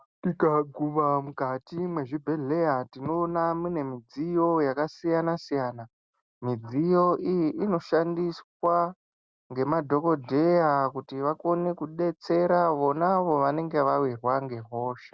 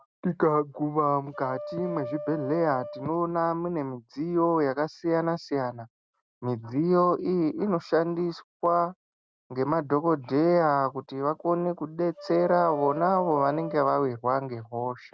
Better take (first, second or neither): first